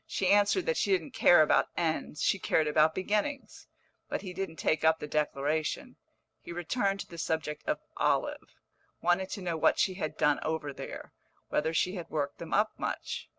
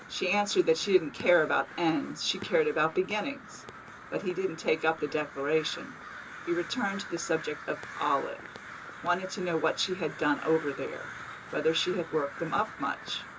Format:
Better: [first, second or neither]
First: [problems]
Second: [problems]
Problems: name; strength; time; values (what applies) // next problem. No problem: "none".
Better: first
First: none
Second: background sound (Crow); 13 dB below the speech // room echo; dies away in 0.2 s